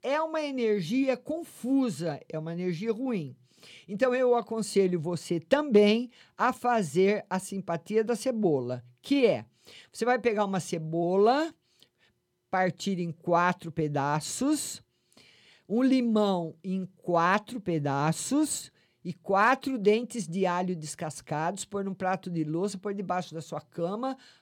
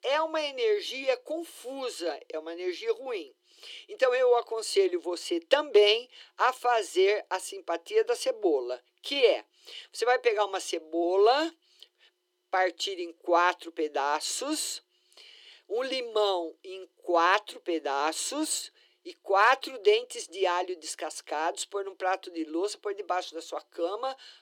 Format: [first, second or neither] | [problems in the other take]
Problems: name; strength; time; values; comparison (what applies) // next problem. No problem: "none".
first | thin; very; fading below 350 Hz